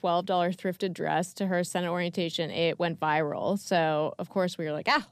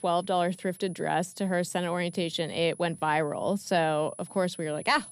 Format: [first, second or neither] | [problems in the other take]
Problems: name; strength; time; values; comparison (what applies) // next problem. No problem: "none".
first | high-pitched whine; noticeable; throughout; 10 kHz, 20 dB below the speech